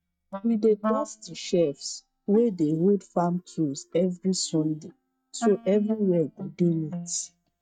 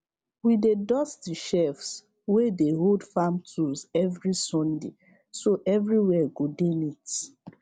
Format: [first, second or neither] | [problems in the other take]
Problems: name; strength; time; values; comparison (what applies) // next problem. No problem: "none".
second | noise reduction (neural mask model DeepFilterNet 3)